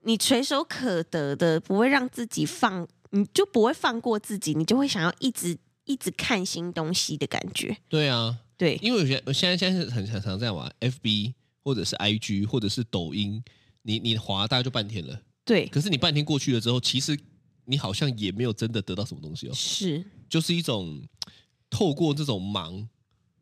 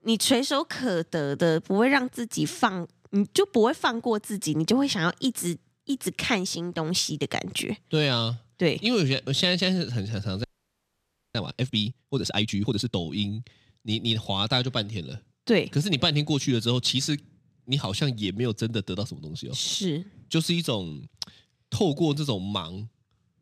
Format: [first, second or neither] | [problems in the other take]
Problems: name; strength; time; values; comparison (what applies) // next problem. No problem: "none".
first | audio freezing; at 10 s for 1 s